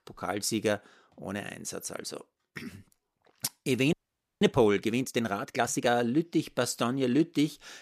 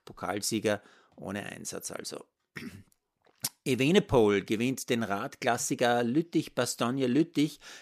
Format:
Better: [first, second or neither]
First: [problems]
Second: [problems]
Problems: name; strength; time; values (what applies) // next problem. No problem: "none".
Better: second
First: audio freezing; at 4 s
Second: none